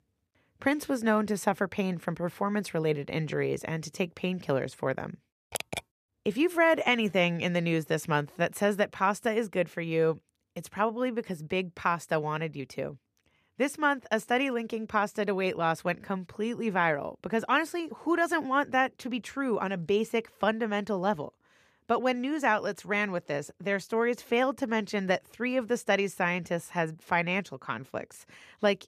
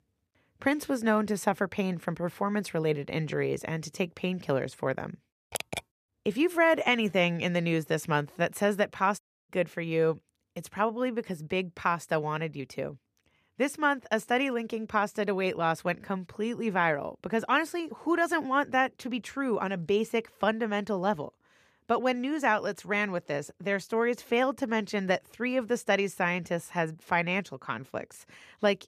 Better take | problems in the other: first | audio cutting out; at 9 s

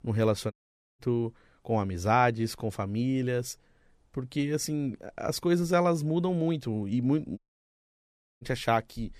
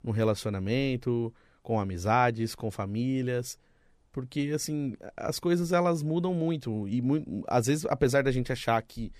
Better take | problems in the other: second | audio cutting out; at 0.5 s and at 7.5 s for 1 s

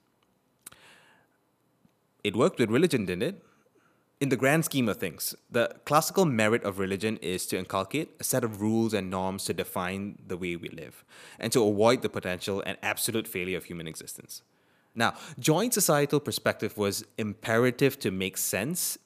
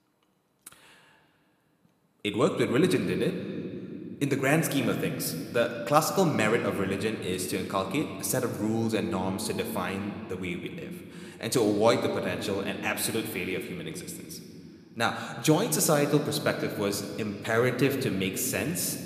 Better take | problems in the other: first | room echo; slight; dies away in 2.4 s

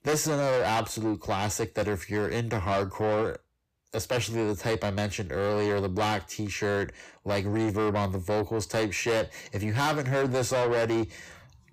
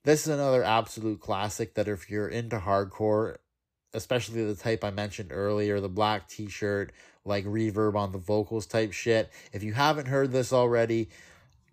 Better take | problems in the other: second | distortion; heavy; 6 dB below the speech

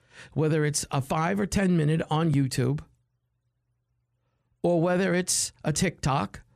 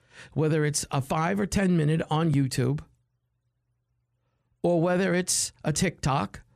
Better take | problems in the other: neither | none

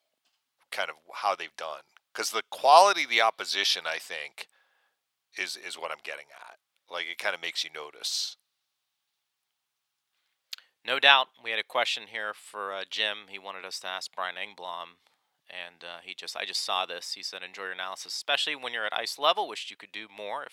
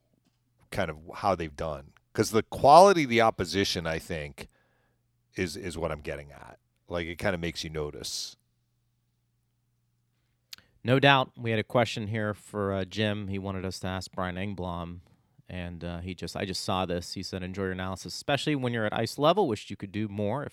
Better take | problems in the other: second | thin; very; fading below 900 Hz

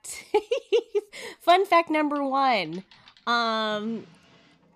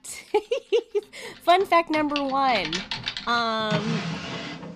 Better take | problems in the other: first | household noises; loud; throughout; 7 dB below the speech; faint in the first

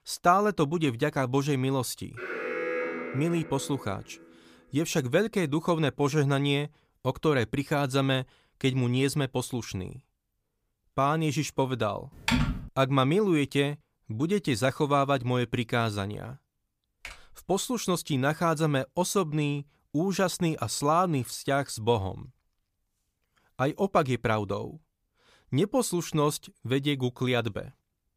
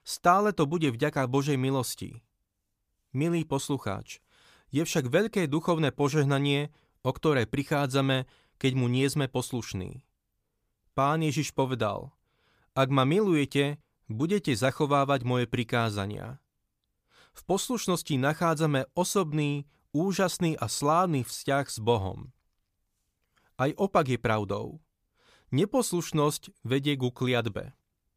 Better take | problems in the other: second | alarm; noticeable; from 2 to 4 s; peak 3 dB below the speech // keyboard typing; loud; at 12 s; peak 1 dB above the speech // keyboard typing; faint; at 17 s; peak 15 dB below the speech

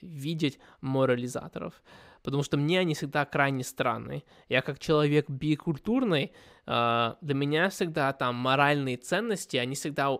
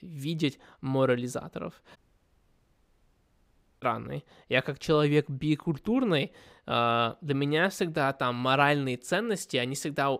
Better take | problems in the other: first | audio cutting out; at 2 s for 2 s

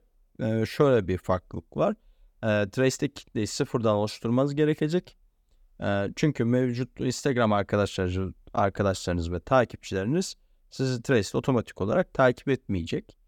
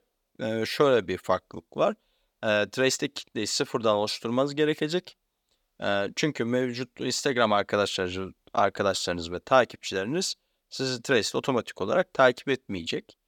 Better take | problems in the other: first | thin; very slightly; fading below 500 Hz

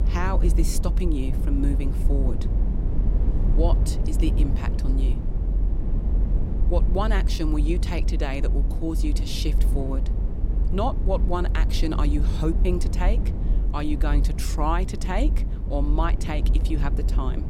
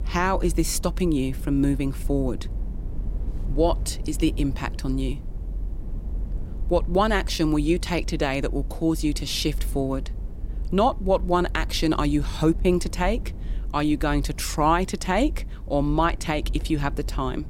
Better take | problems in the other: second | low rumble; loud; throughout; 9 dB below the speech; faint in the second

